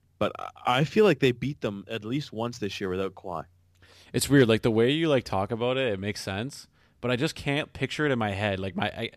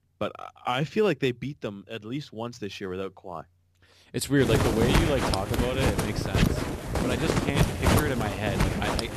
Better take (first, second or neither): first